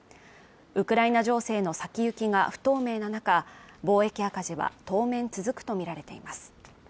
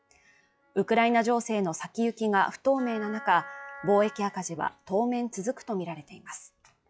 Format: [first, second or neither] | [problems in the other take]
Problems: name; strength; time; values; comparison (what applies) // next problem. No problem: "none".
first | noise reduction (classical method log-MMSE)